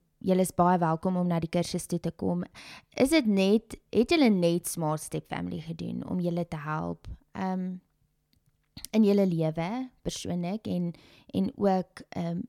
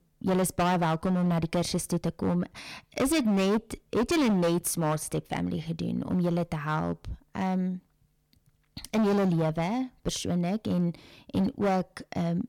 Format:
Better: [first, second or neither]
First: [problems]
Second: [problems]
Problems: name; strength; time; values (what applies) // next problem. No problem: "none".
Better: first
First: none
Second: distortion; heavy; 12% of the sound clipped